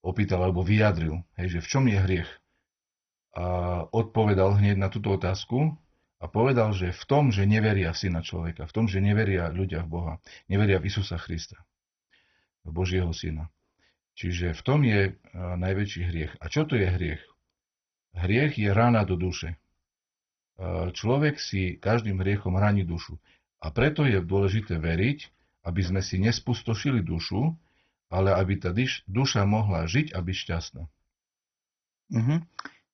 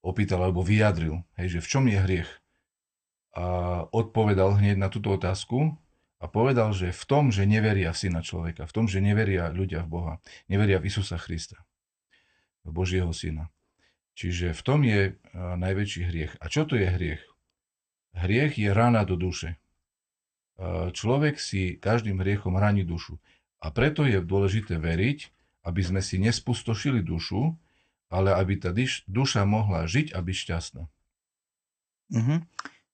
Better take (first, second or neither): second